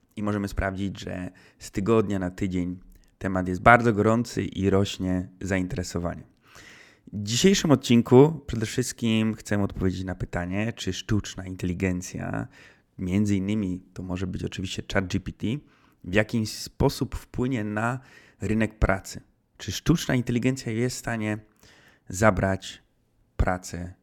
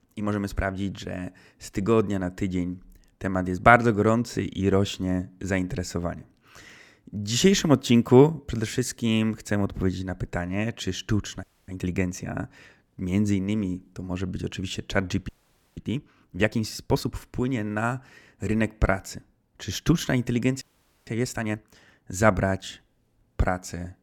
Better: first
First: none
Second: audio freezing; at 11 s, at 15 s and at 21 s

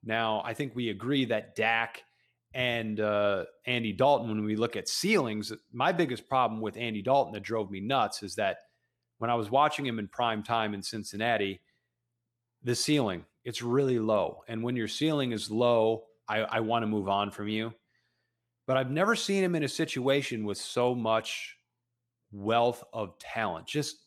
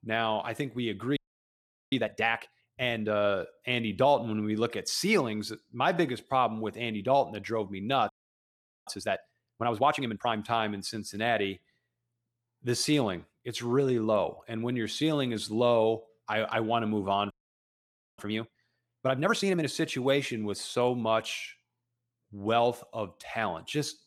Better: first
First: none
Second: audio freezing; at 1 s for 1 s, at 8 s for 1 s and at 17 s for 1 s

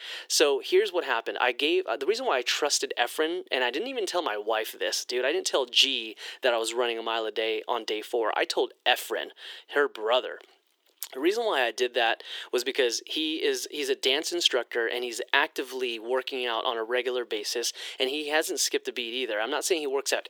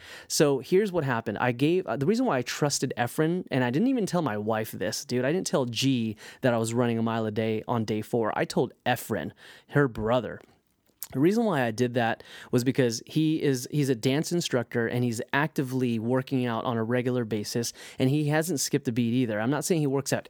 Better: second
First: thin; very; fading below 350 Hz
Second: none

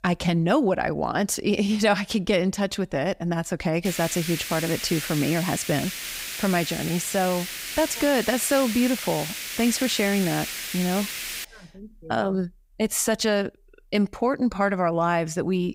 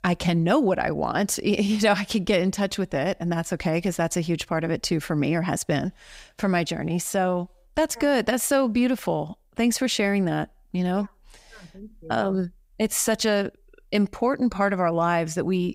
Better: second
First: hiss; loud; from 4 to 11 s; 6 dB below the speech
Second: none

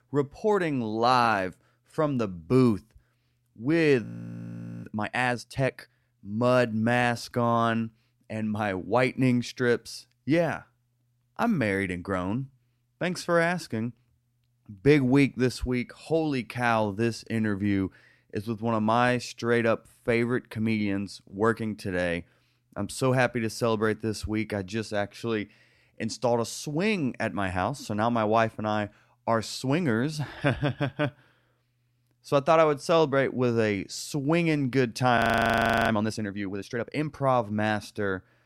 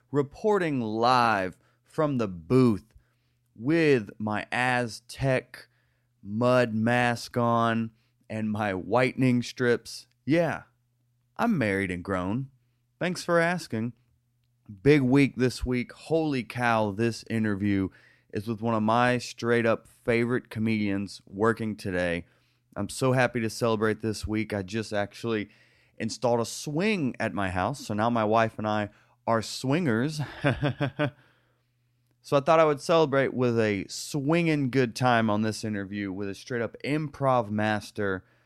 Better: second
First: audio freezing; at 4 s for 1 s and at 35 s for 0.5 s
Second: none

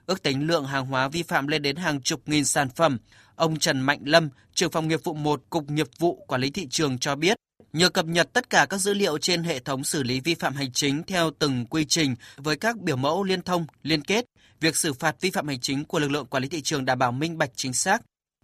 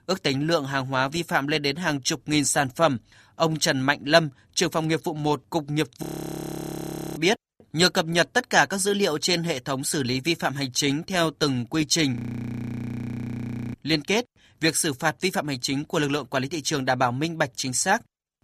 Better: first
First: none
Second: audio freezing; at 6 s for 1 s and at 12 s for 1.5 s

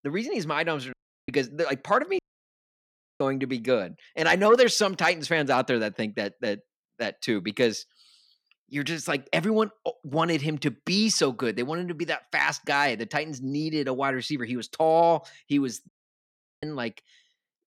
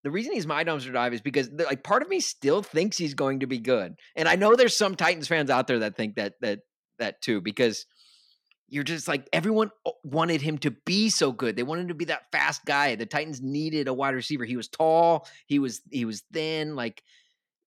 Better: second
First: audio cutting out; at 1 s, at 2 s for 1 s and at 16 s for 0.5 s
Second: none

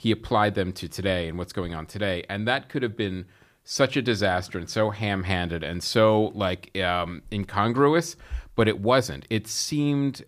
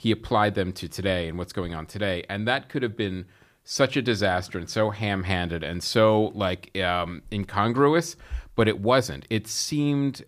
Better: neither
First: none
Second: none

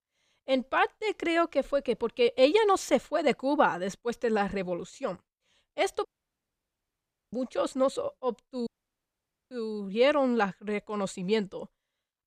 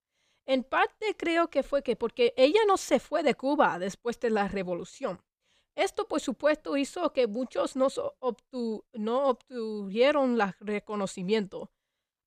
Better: second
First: audio cutting out; at 6 s for 1.5 s and at 8.5 s for 1 s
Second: none

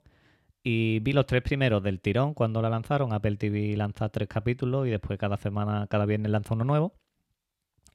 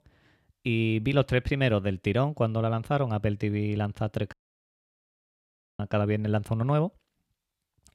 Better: first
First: none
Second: audio cutting out; at 4.5 s for 1.5 s

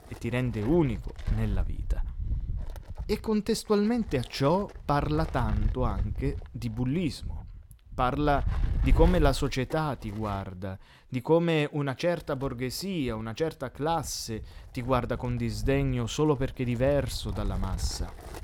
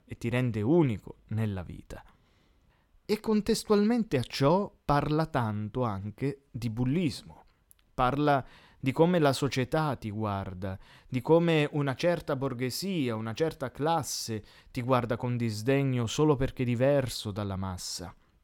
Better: second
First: wind noise on the microphone; occasional gusts; 20 dB below the speech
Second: none

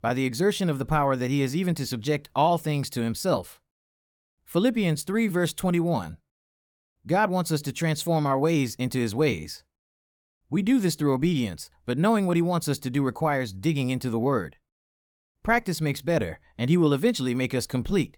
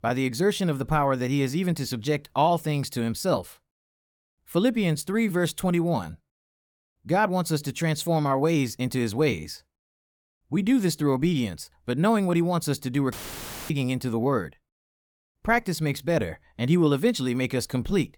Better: first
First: none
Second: audio cutting out; filled with static; at 13 s for 0.5 s

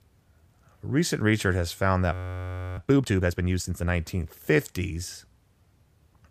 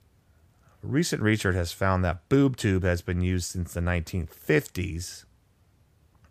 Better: second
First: audio freezing; at 2 s for 0.5 s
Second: none

